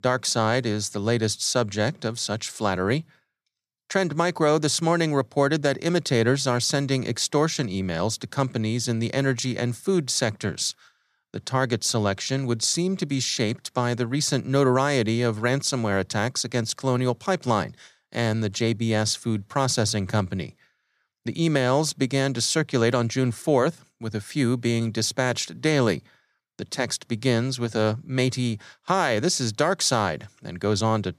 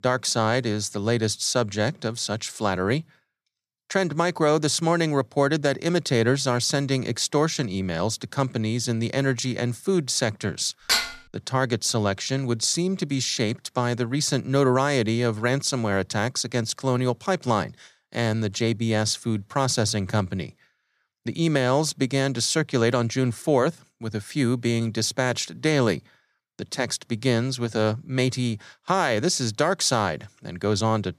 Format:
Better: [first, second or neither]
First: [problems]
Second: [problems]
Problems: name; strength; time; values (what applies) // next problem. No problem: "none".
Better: first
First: none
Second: clattering dishes; loud; at 11 s; peak 2 dB above the speech